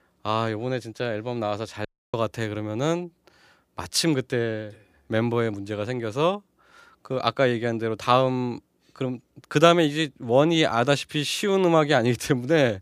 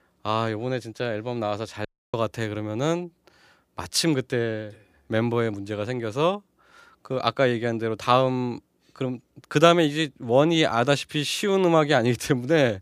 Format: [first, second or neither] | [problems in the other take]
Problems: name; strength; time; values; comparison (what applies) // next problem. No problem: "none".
neither | audio cutting out; at 2 s; the same in both